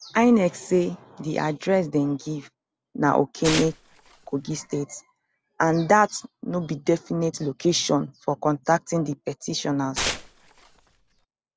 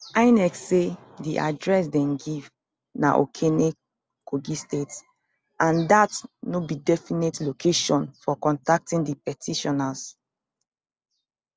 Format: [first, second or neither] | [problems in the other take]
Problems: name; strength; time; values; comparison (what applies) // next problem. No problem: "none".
second | background sound (Tearing); 8 dB below the speech